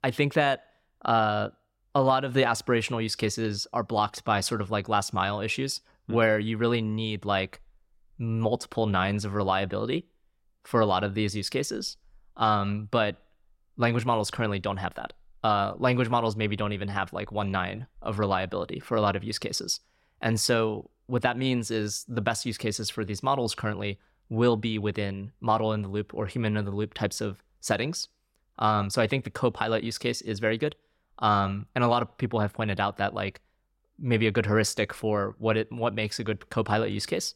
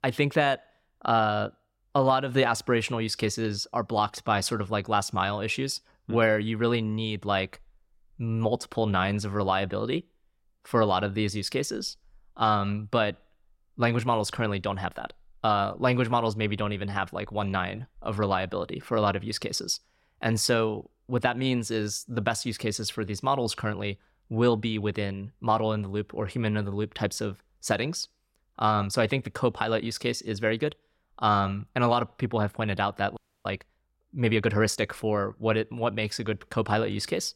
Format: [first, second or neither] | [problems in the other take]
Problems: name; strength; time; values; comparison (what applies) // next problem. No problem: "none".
first | audio freezing; at 33 s